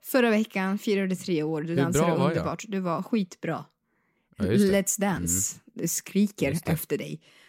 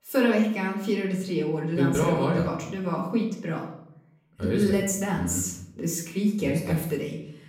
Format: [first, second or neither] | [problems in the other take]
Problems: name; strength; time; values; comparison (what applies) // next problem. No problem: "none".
first | off-mic speech; somewhat distant // room echo; noticeable; dies away in 0.6 s